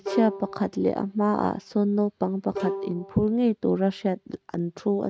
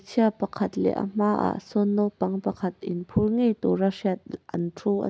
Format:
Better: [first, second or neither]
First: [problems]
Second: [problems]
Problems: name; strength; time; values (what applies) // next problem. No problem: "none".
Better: second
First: noise reduction (neural mask model RNNoise)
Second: none